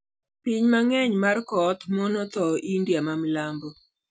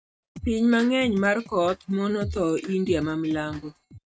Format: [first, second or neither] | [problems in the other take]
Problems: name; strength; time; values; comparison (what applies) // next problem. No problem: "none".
first | noise reduction (neural mask model RNNoise)